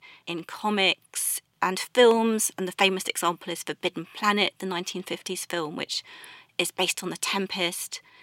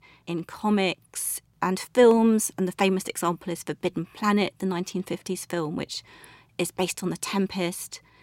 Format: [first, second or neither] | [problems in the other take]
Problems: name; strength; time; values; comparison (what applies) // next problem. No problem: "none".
second | thin; very slightly; fading below 950 Hz